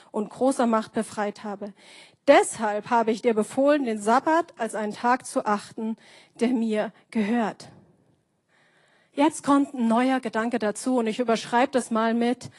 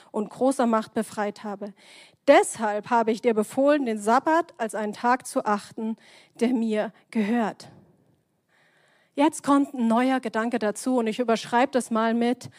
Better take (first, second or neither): second